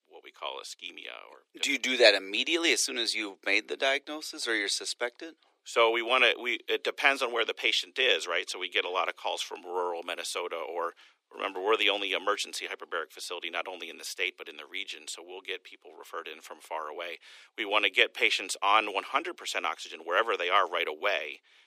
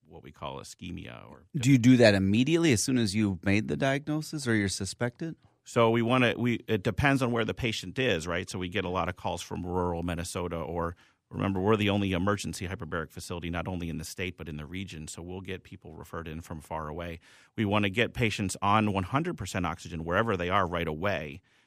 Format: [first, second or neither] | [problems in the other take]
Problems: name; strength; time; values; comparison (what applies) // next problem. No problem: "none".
second | thin; very; fading below 350 Hz